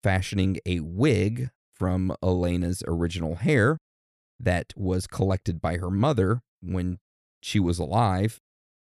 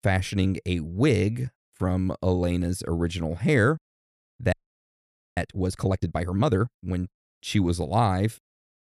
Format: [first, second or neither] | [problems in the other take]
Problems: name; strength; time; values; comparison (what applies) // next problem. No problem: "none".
first | audio freezing; at 4.5 s for 1 s